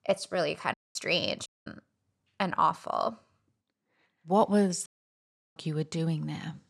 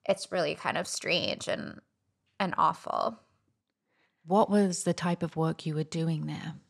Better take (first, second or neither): second